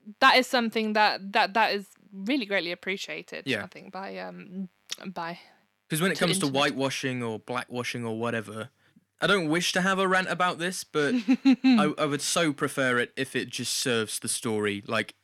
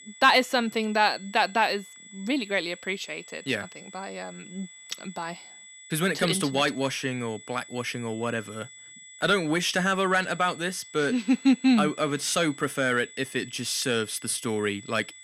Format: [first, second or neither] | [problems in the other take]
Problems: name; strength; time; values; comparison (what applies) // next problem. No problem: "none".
first | high-pitched whine; noticeable; throughout; 8 kHz, 20 dB below the speech